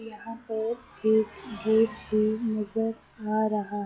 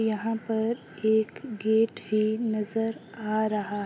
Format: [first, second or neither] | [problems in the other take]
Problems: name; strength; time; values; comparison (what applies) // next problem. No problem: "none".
second | noise reduction (classical method log-MMSE)